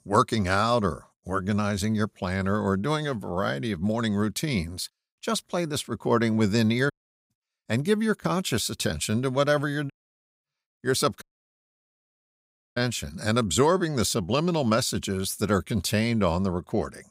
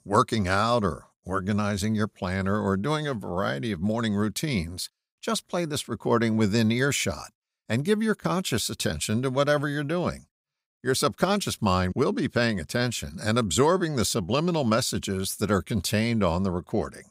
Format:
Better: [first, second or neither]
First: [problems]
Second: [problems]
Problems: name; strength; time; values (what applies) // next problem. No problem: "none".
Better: second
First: audio cutting out; at 7 s, at 10 s and at 11 s for 1.5 s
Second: none